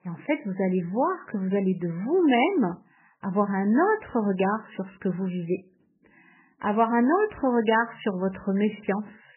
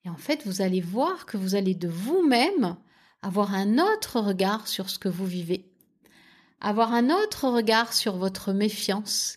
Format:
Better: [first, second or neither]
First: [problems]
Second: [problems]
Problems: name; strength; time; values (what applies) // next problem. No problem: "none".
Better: second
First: garbled, watery; badly; nothing above 3 kHz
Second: none